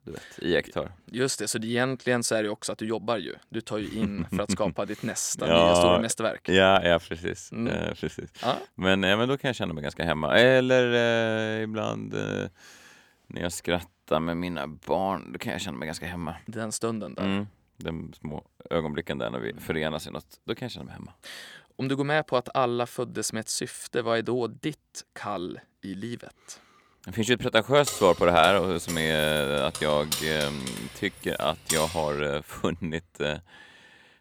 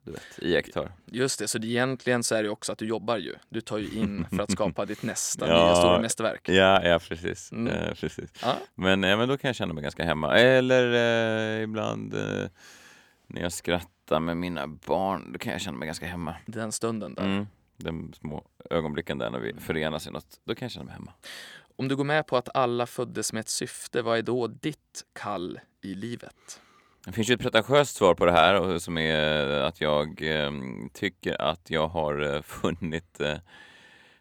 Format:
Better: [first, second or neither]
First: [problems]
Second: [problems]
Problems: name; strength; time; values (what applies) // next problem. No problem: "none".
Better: second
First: jangling keys; noticeable; from 28 to 32 s; peak 2 dB below the speech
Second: none